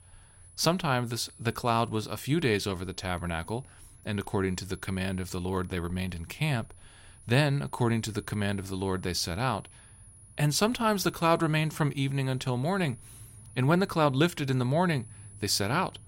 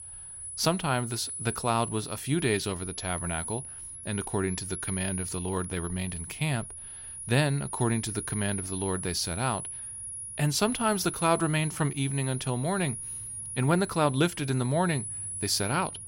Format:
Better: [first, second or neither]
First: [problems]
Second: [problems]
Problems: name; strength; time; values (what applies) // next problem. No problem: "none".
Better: first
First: high-pitched whine; faint; throughout; 10.5 kHz, 25 dB below the speech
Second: high-pitched whine; loud; throughout; 10.5 kHz, 7 dB below the speech